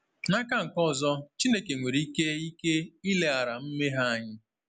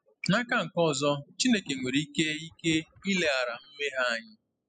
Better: first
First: none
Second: noise reduction (classical method spectral subtraction)

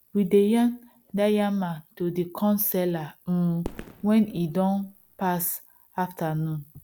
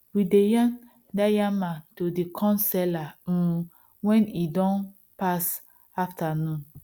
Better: second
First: background sound (Fireworks); 17 dB below the speech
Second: none

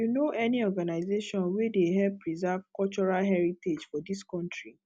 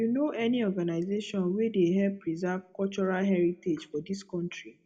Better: first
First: none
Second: room echo; dies away in 0.3 s

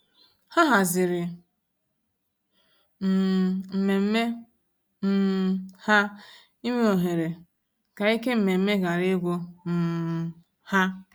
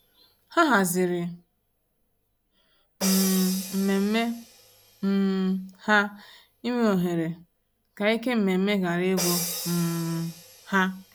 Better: first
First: none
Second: background sound (Crash cymbal); 12 dB below the speech

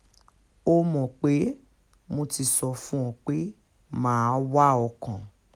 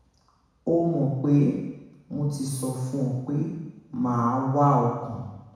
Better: first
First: none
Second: room echo; dies away in 1.1 s

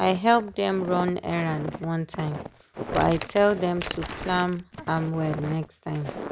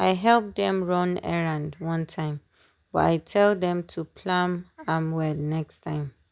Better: second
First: background sound (Crumpling, crinkling + Walk, footsteps); 11 dB below the speech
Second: none

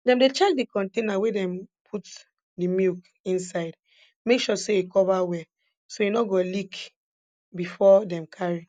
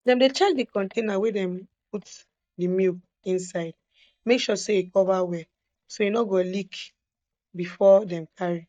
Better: first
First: none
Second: noise reduction (neural mask model DeepFilterNet 3)

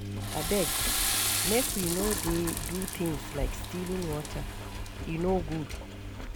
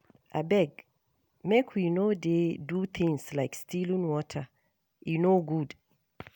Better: second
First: background sound (Engine + Toilet flush / Water); 1 dB above the speech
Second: none

